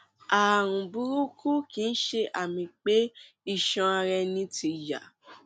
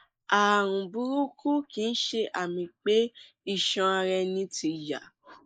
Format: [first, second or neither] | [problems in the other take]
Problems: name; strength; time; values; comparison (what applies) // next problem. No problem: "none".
first | noise reduction (neural mask model Resemble Enhance denoiser)